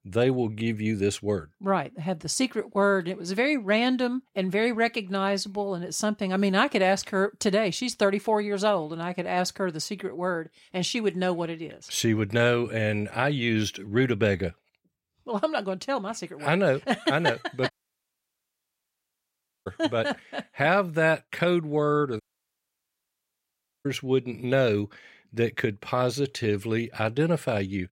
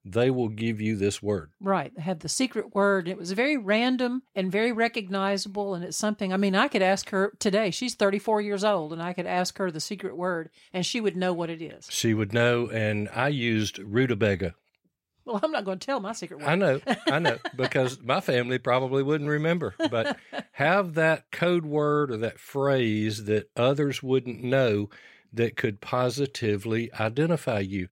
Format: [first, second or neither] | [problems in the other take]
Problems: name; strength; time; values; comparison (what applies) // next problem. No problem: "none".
second | audio cutting out; at 18 s for 2 s and at 22 s for 1.5 s